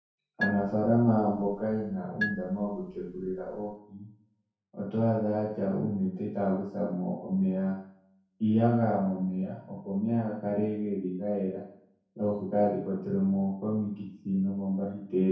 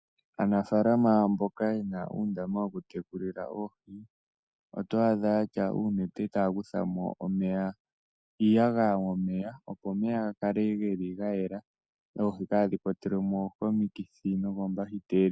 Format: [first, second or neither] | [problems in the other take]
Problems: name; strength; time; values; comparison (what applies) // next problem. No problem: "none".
second | background sound (Marimba, xylophone); 11 dB below the speech // room echo; dies away in 0.6 s